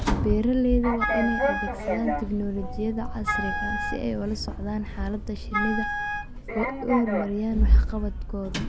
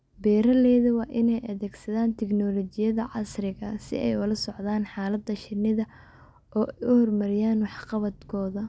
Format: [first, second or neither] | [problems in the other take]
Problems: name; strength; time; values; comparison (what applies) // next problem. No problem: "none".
second | background sound (Sliding door + Wind instrument, woodwind instrument); 2 dB above the speech